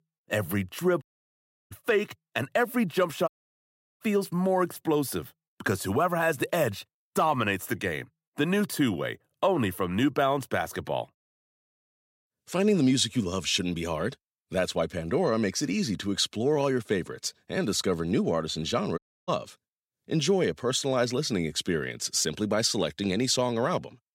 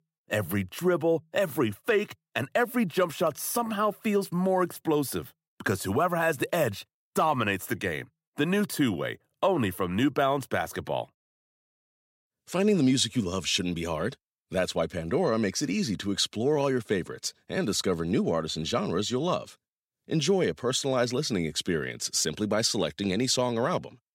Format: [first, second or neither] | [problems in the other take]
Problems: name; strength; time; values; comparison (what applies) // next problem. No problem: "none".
second | audio cutting out; at 1 s for 0.5 s, at 3.5 s for 0.5 s and at 19 s